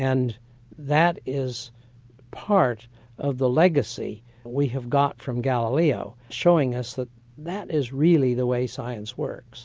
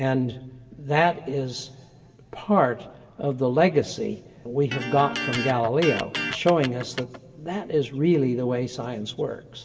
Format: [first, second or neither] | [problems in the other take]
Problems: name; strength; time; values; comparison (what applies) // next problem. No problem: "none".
first | background sound (Electric guitar); 7 dB below the speech // room echo; dies away in 1.5 s